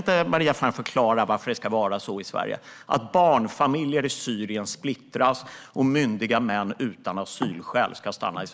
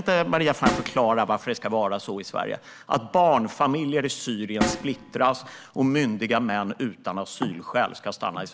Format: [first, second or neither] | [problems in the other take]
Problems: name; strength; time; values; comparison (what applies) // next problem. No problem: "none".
first | background sound (Snare drum); 7 dB below the speech